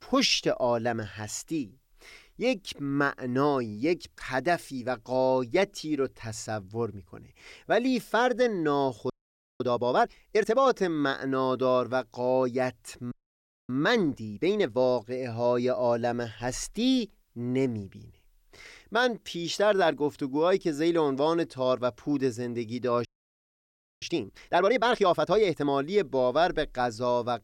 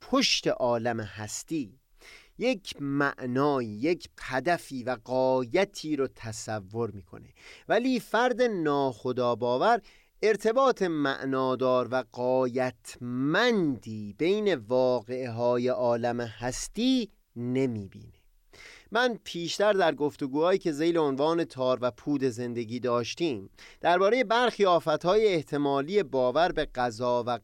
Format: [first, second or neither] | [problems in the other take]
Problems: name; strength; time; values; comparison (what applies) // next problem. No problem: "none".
second | audio freezing; at 9 s for 0.5 s, at 13 s for 0.5 s and at 23 s for 1 s